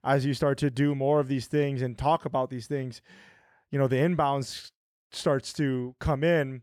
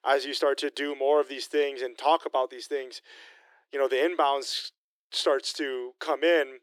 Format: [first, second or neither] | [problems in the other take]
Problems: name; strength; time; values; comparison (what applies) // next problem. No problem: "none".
first | thin; very; fading below 300 Hz